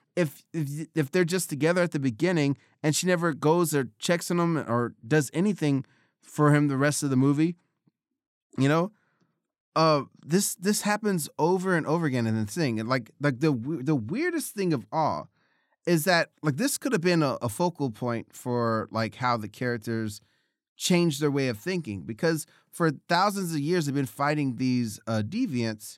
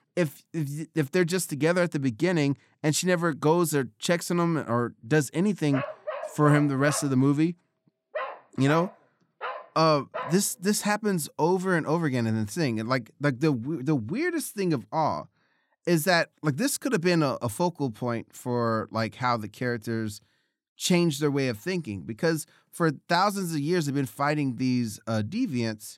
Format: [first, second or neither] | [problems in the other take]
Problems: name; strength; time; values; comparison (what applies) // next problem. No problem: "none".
first | dog barking; noticeable; from 5.5 to 10 s; peak 8 dB below the speech